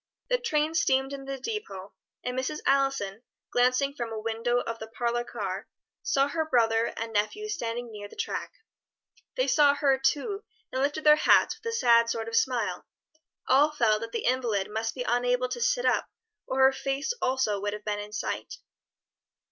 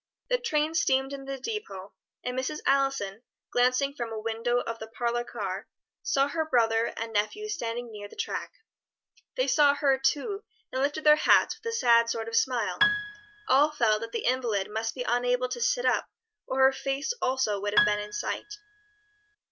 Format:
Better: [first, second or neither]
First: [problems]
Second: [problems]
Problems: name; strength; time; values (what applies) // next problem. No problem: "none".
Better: first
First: none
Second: background sound (Piano); 4 dB below the speech